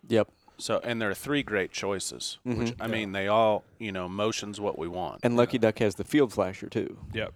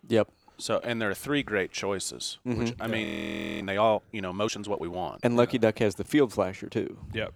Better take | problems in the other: first | audio freezing; at 3 s for 0.5 s

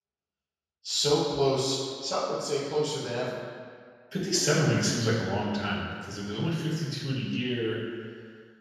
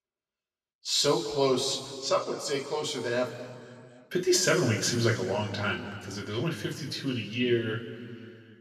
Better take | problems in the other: second | room echo; strong; dies away in 1.7 s; slight in the second // off-mic speech; far; somewhat distant in the second

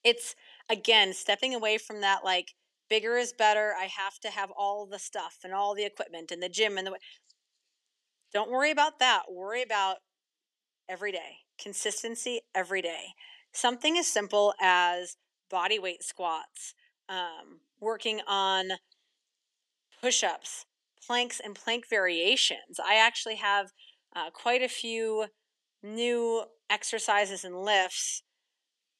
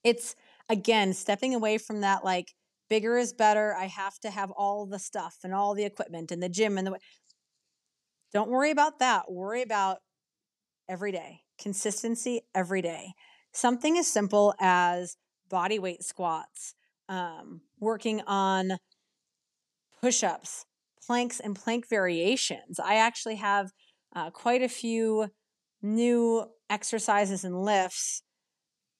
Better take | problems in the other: second | thin; somewhat; fading below 350 Hz

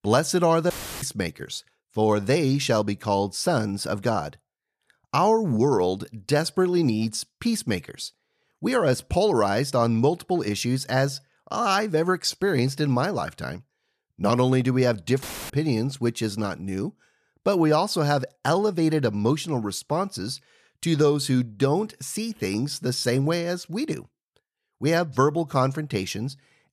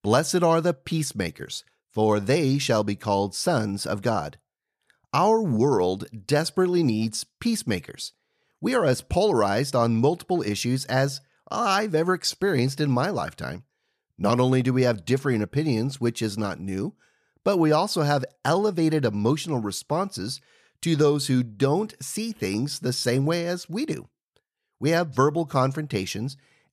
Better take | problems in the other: second | audio cutting out; filled with static; at 0.5 s and at 15 s

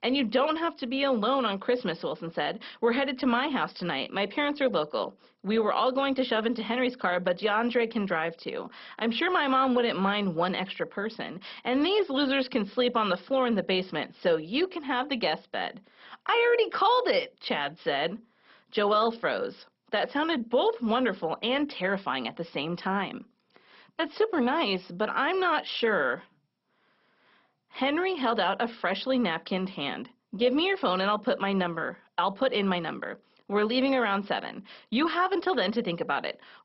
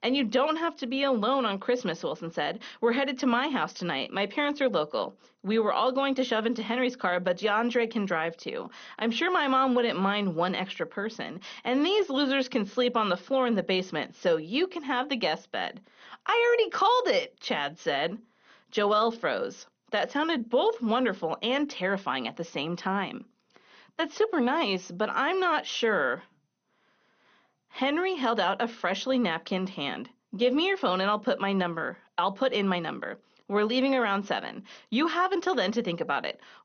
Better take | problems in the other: second | garbled, watery; badly; nothing above 5 kHz; slightly in the second

